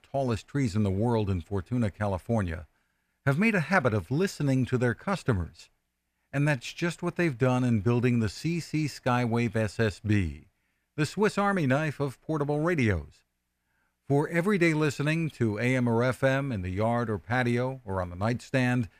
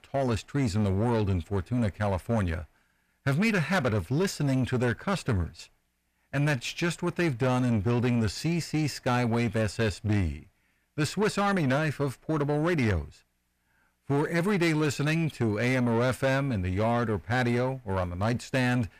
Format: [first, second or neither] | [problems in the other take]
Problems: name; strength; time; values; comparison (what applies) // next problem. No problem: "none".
first | distortion; slight; 10 dB below the speech